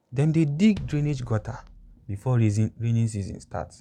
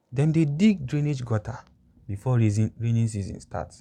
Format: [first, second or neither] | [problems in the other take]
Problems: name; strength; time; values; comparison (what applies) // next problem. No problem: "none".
second | background sound (Bass drum); 19 dB below the speech